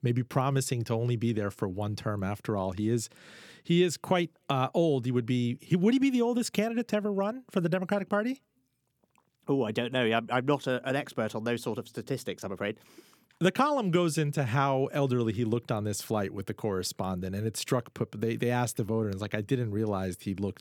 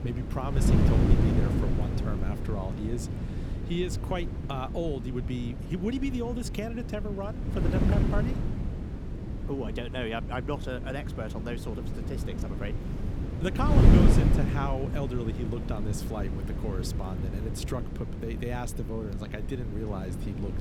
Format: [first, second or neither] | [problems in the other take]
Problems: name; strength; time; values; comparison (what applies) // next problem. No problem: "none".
first | wind noise on the microphone; heavy; 2 dB below the speech